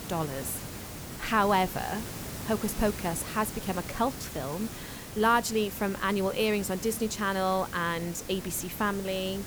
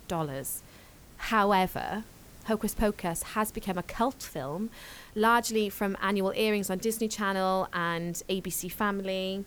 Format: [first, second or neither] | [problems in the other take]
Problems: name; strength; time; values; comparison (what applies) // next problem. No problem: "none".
second | hiss; loud; throughout; 10 dB below the speech; faint in the second